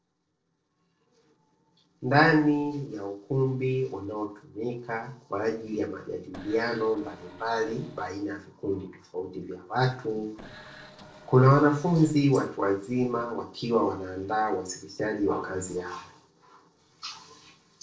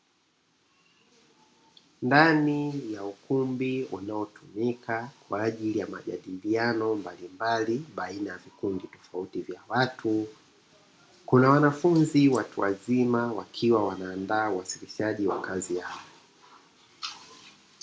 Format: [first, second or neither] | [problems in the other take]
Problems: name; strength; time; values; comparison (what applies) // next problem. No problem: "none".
second | noise reduction (neural separator model SepFormer DNS4)